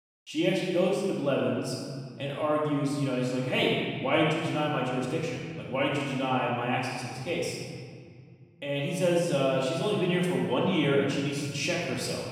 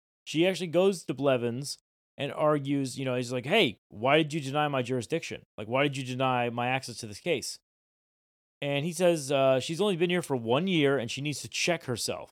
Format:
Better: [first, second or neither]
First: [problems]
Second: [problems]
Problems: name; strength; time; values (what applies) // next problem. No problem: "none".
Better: second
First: off-mic speech; far // room echo; strong; dies away in 2 s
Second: none